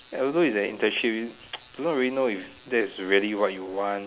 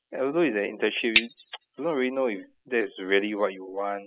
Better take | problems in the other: first | noise reduction (classical method spectral subtraction)

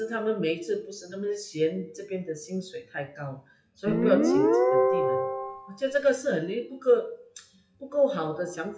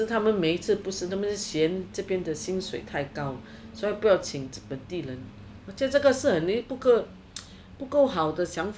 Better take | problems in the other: second | noise reduction (classical method WPE with log-MMSE)

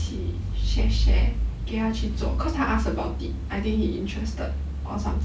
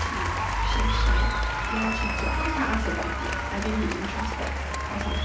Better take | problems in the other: first | background sound (Applause); 3 dB below the speech

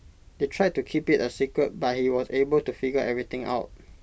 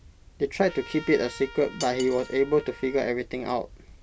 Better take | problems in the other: first | background sound (Cutlery, silverware + Trumpet); 17 dB below the speech

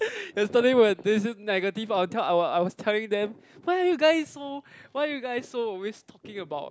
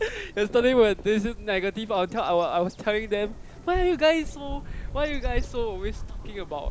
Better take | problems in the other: first | background sound (Bird vocalization, bird call, bird song); 9 dB below the speech

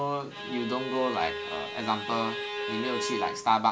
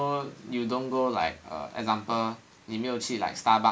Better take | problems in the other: second | background sound (Bowed string instrument); 5 dB below the speech

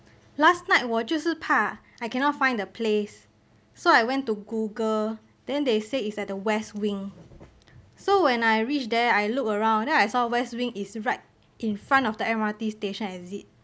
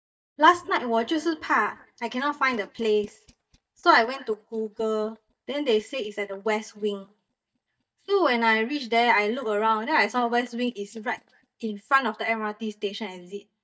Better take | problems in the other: first | noise reduction (neural mask model DeepFilterNet 3)

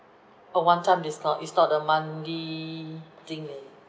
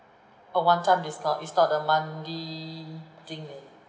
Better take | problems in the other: first | room echo; dies away in 1.1 s

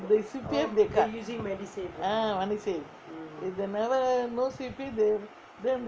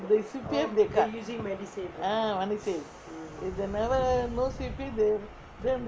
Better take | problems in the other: first | background sound (Subway, metro, underground); 14 dB below the speech

